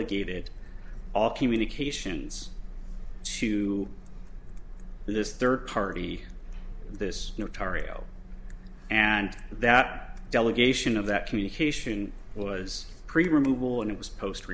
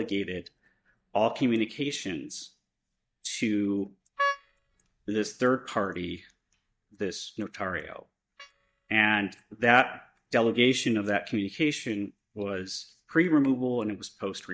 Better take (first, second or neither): first